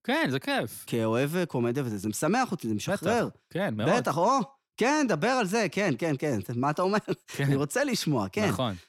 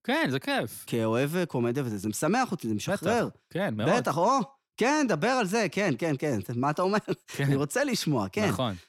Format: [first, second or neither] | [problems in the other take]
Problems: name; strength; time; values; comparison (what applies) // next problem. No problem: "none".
neither | none